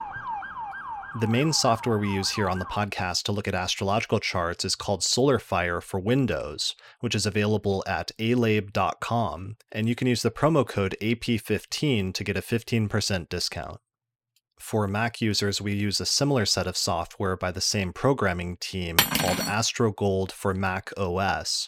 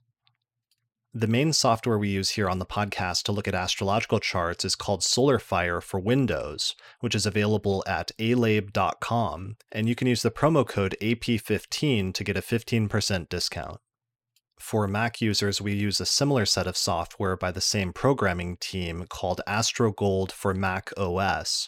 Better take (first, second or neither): second